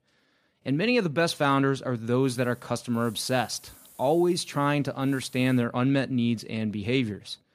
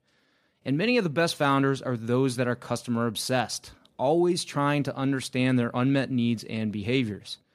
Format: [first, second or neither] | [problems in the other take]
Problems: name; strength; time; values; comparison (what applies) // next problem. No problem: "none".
second | hiss; faint; from 2.5 to 5.5 s; 25 dB below the speech